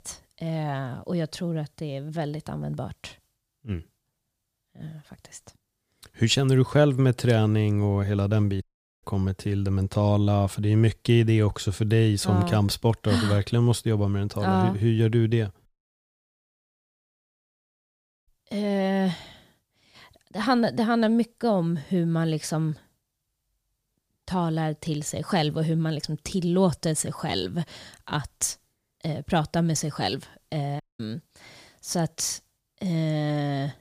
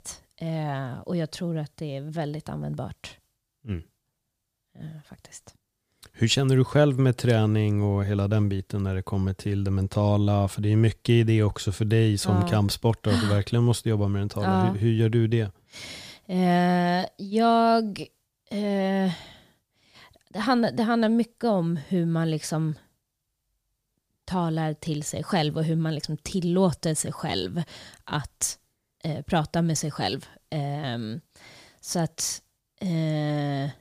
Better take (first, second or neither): second